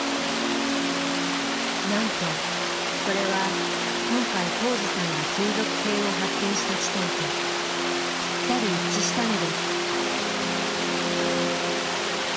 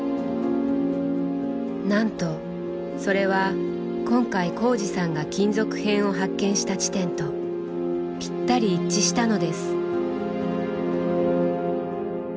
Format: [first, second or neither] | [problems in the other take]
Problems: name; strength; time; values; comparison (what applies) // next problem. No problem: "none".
second | background sound (Water); 1 dB above the speech